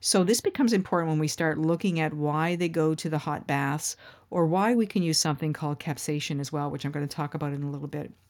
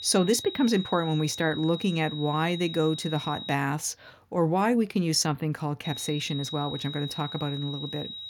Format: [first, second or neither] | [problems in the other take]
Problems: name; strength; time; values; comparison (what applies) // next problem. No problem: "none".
first | high-pitched whine; loud; until 3.5 s and from 6 s on; 4 kHz, 9 dB below the speech